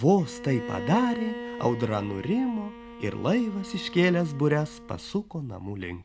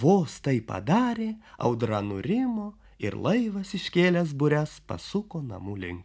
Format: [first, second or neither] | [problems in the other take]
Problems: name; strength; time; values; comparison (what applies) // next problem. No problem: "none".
second | background sound (Bowed string instrument); 13 dB below the speech